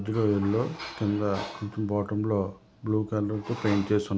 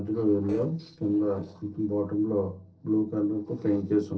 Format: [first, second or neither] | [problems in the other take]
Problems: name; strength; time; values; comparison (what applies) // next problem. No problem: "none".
first | noise reduction (neural separator model SepFormer DNS4)